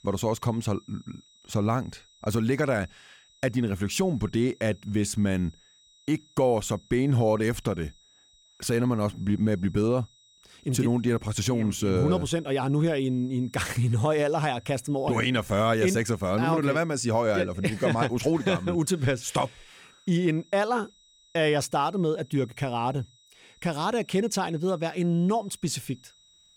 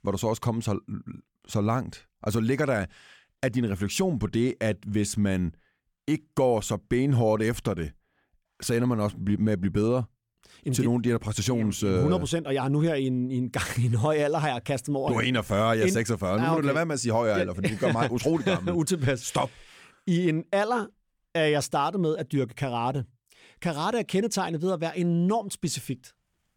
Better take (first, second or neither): second